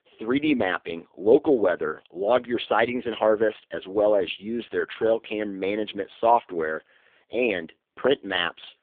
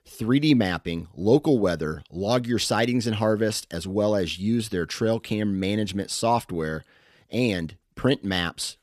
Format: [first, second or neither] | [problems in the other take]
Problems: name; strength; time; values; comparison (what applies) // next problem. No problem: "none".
second | phone-call audio; poor line